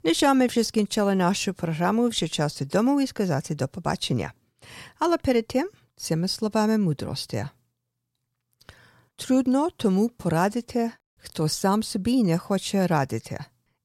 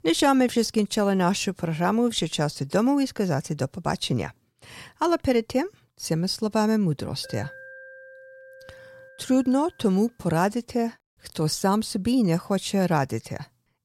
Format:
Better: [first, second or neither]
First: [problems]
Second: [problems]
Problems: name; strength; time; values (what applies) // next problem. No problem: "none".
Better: first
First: none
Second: alarm; faint; from 7 to 10 s; peak 15 dB below the speech